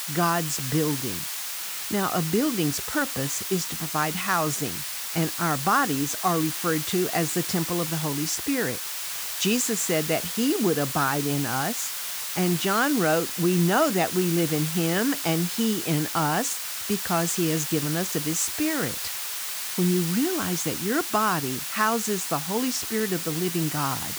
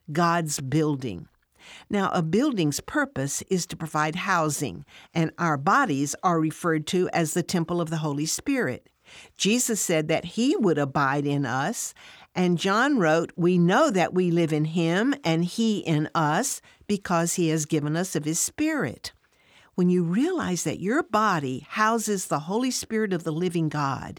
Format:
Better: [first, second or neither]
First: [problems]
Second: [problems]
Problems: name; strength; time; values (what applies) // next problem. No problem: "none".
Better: second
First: hiss; loud; throughout; 3 dB below the speech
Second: none